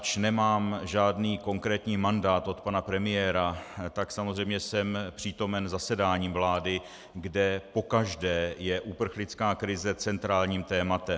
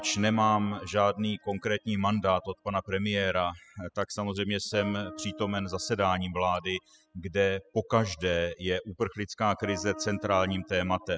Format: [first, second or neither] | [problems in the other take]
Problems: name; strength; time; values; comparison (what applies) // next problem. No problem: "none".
first | noise reduction (classical method spectral subtraction)